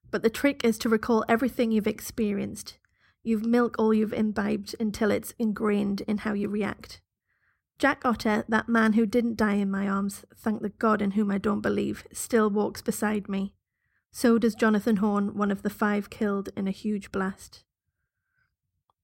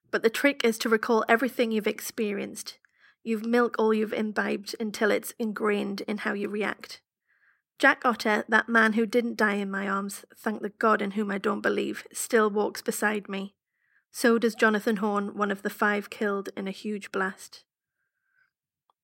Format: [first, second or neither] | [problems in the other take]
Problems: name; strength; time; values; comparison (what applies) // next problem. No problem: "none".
first | thin; very slightly; fading below 300 Hz